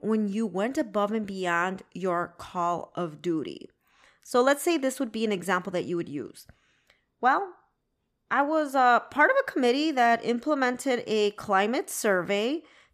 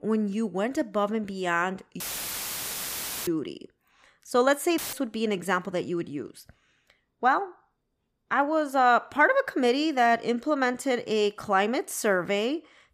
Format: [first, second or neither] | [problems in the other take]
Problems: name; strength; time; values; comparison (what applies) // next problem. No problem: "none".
first | audio cutting out; filled with static; at 2 s for 1.5 s and at 5 s